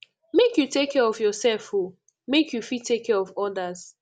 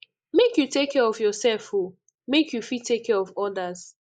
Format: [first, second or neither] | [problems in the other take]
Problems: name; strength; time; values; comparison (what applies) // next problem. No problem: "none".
first | noise reduction (neural mask model Resemble Enhance denoiser)